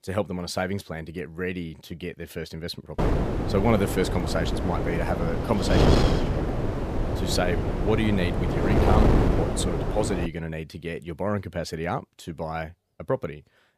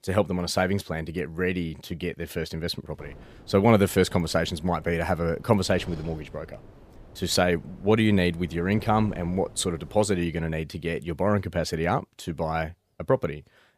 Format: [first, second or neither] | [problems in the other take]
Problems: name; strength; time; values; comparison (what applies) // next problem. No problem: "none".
second | wind noise on the microphone; heavy; from 3 to 10 s; 1 dB above the speech; occasional gusts in the second